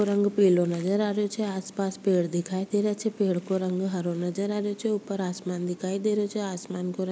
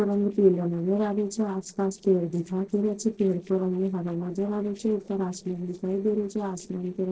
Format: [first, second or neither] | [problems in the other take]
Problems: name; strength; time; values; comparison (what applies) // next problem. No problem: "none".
first | noise reduction (neural separator model SepFormer DNS4)